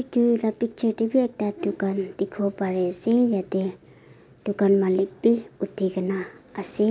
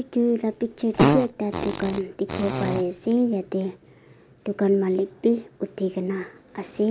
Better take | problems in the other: first | background sound (Fart); 2 dB below the speech

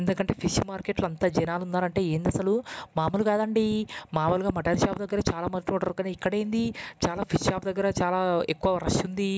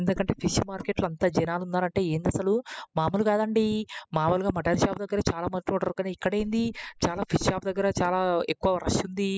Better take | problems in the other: first | noise reduction (classical method spectral subtraction)

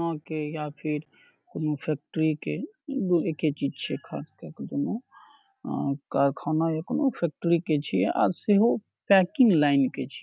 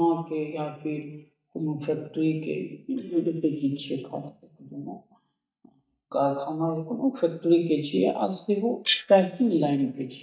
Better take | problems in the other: first | noise reduction (neural mask model DeepFilterNet 3)

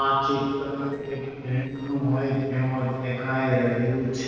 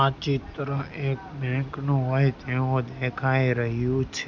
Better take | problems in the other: second | noise reduction (neural separator model SepFormer DNS4)

